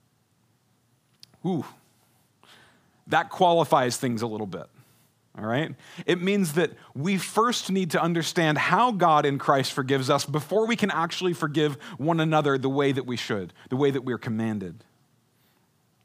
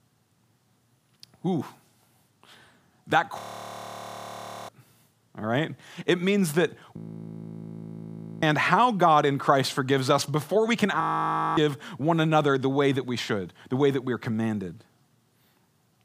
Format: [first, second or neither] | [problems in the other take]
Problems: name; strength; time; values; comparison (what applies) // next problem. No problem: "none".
first | audio freezing; at 3.5 s for 1.5 s, at 7 s for 1.5 s and at 11 s for 0.5 s